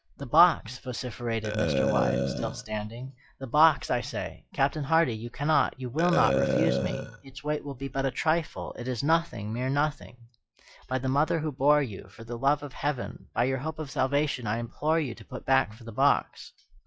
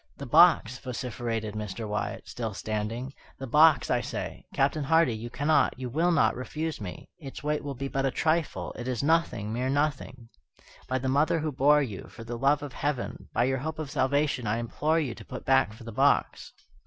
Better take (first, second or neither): second